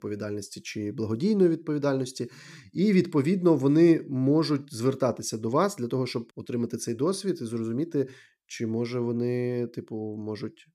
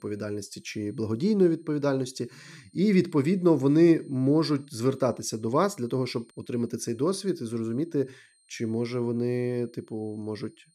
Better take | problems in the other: first | high-pitched whine; faint; throughout; 8.5 kHz, 35 dB below the speech

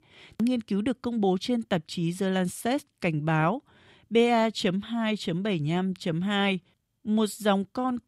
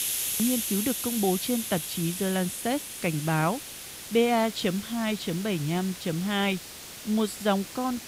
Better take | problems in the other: first | hiss; loud; throughout; 5 dB below the speech

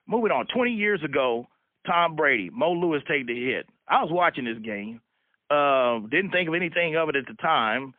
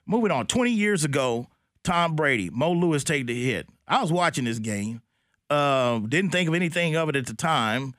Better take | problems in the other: second | phone-call audio; poor line; nothing above 3.5 kHz

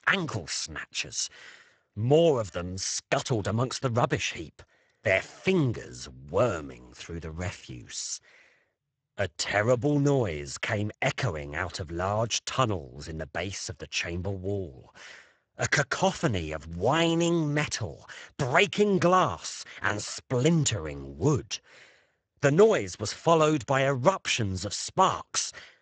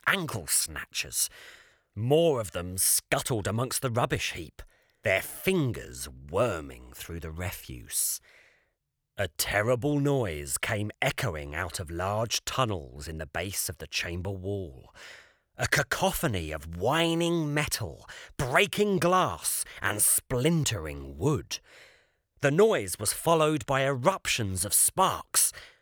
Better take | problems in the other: second | garbled, watery; badly; nothing above 8 kHz

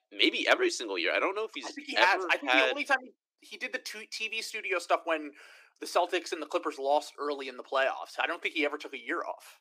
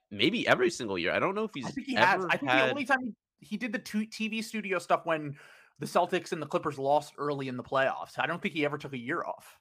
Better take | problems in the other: second | thin; somewhat; fading below 300 Hz

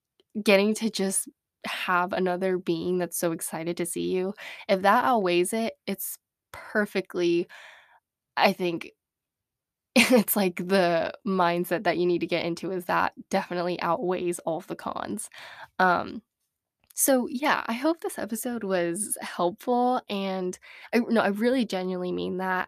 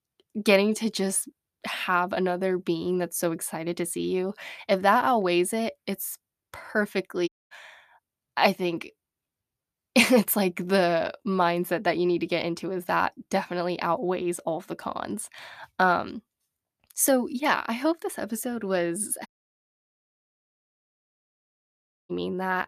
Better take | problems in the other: first | audio cutting out; at 7.5 s and at 19 s for 3 s

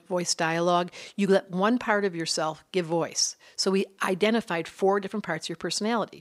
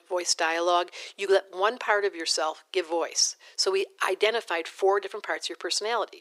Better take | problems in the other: first | thin; very; fading below 350 Hz

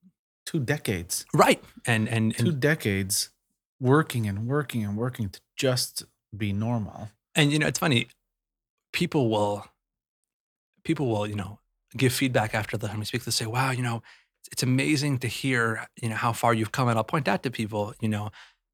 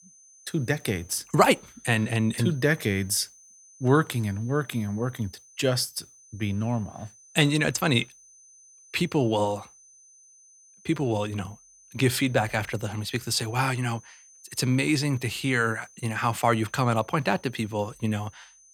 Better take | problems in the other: first | high-pitched whine; faint; throughout; 6 kHz, 25 dB below the speech

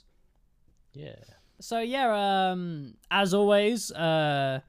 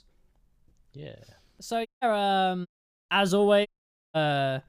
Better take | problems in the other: first | audio cutting out; at 2 s, at 2.5 s and at 3.5 s

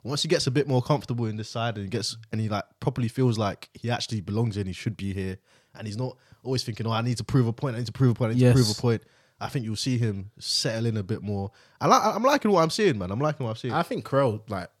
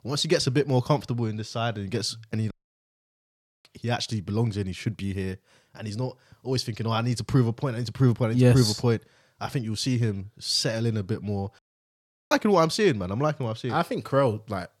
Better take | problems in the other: first | audio cutting out; at 2.5 s for 1 s and at 12 s for 0.5 s

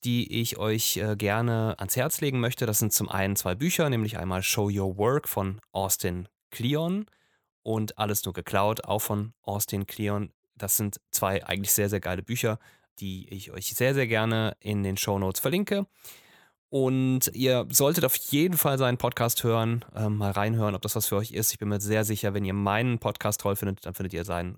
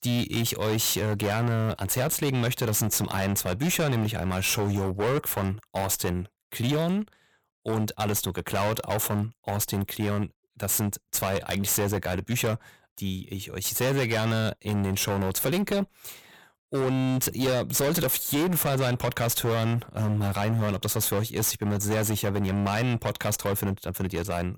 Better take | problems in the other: first | distortion; heavy; 23% of the sound clipped

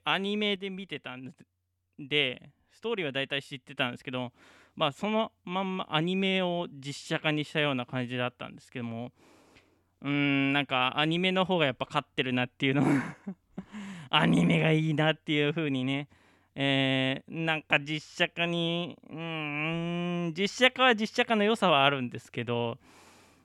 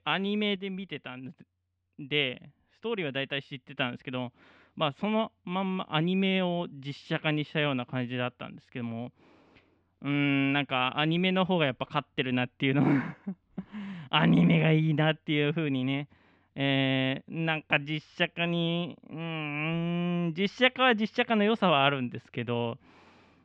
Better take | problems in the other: first | muffled; slightly; fading above 4 kHz

